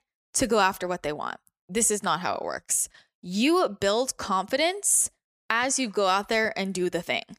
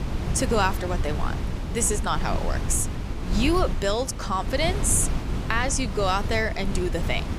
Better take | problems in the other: first | wind noise on the microphone; occasional gusts; 10 dB below the speech

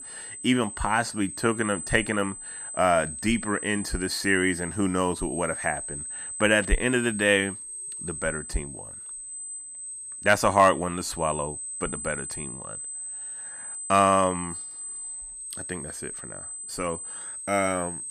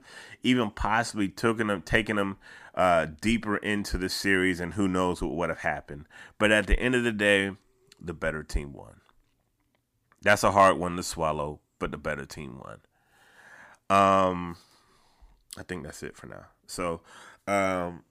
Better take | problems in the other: second | high-pitched whine; loud; throughout; 8 kHz, 9 dB below the speech

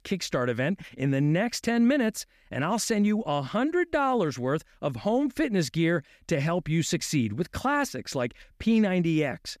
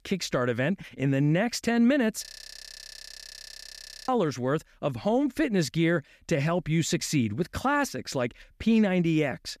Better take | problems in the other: first | audio freezing; at 2.5 s for 2 s

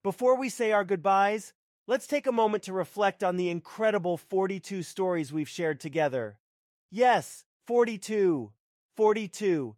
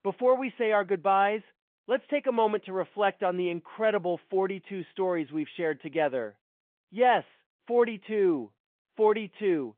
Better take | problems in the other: first | phone-call audio

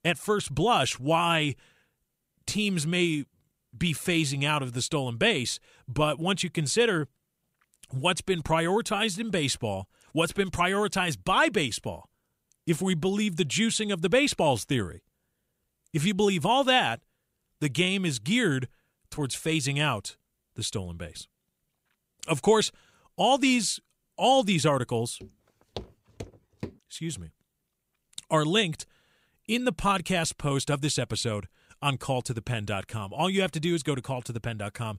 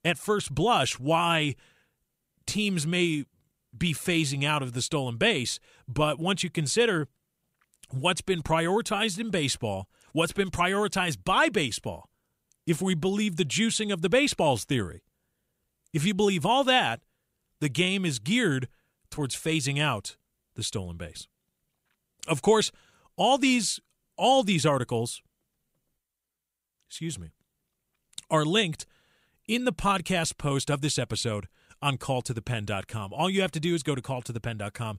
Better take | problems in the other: second | footsteps; faint; from 25 to 27 s; peak 15 dB below the speech

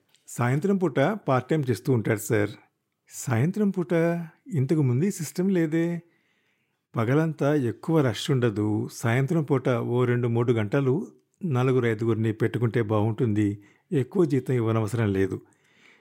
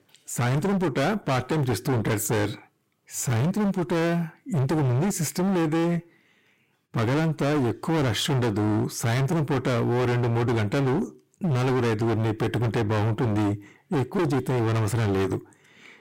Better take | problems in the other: first | distortion; heavy; 33% of the sound clipped

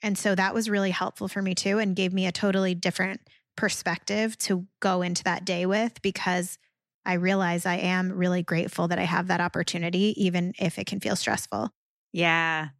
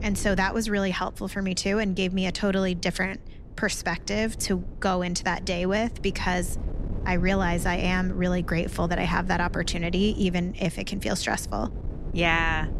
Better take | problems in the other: first | wind noise on the microphone; occasional gusts; 20 dB below the speech

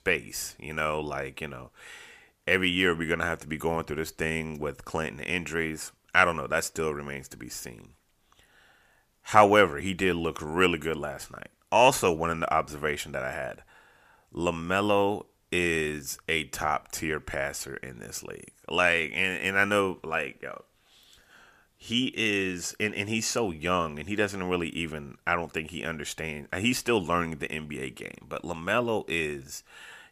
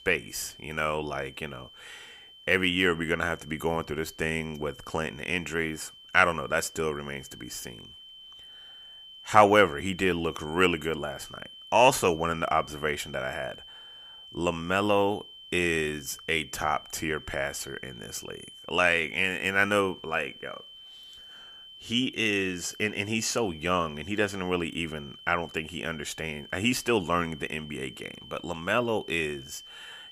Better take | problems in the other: first | high-pitched whine; noticeable; throughout; 3 kHz, 20 dB below the speech

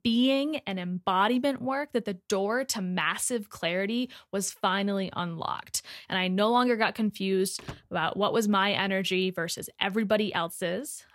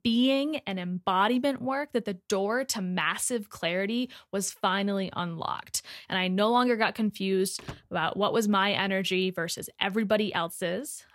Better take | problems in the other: neither | door banging; faint; at 7.5 s; peak 15 dB below the speech; the same in both

